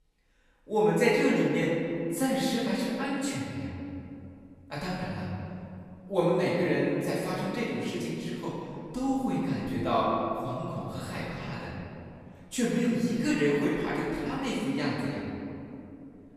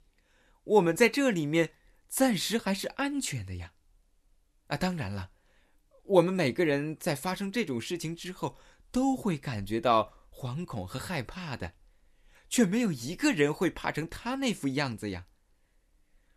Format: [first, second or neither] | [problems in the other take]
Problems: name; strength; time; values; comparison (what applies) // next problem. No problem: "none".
second | off-mic speech; far // room echo; strong; dies away in 2.5 s